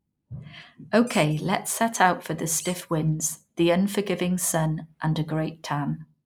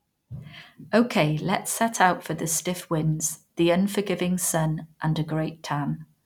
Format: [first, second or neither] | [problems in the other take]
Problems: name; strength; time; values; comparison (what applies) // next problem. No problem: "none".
second | noise reduction (neural mask model Resemble Enhance denoiser)